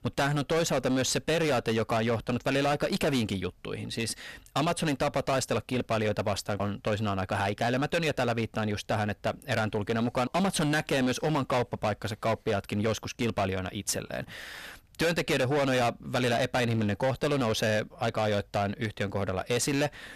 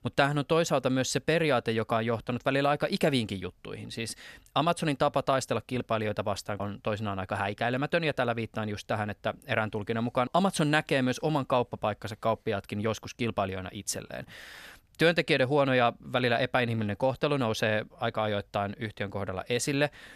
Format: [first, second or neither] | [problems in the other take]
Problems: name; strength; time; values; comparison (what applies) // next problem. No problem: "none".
second | distortion; heavy; 18% of the sound clipped